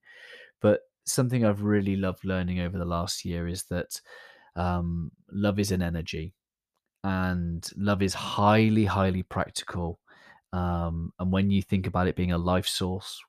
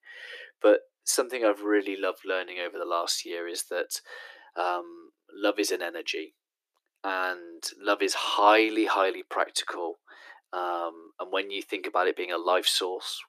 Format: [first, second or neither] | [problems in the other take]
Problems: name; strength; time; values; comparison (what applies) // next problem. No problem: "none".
first | thin; very; fading below 300 Hz